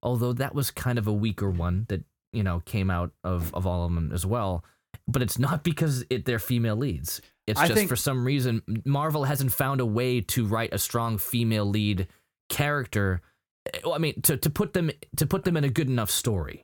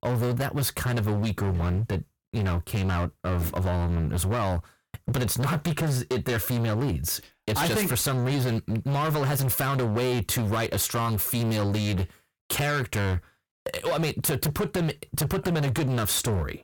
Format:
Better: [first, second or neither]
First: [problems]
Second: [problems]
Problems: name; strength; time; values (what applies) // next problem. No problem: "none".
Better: first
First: none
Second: distortion; heavy; 28% of the sound clipped